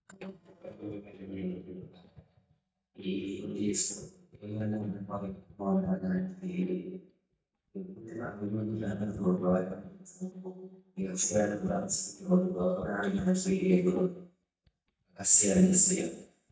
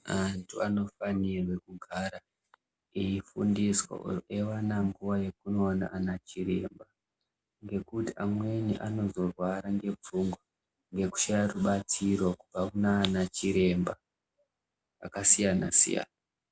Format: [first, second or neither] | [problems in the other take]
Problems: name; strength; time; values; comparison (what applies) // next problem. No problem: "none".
second | noise reduction (neural mask model DeepFilterNet 3)